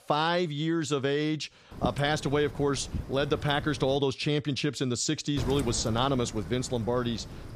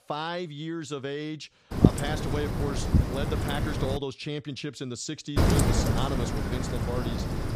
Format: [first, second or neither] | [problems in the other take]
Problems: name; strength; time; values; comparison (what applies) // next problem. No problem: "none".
first | wind noise on the microphone; heavy; from 1.5 to 4 s and from 5.5 s on; 2 dB above the speech; occasional gusts in the first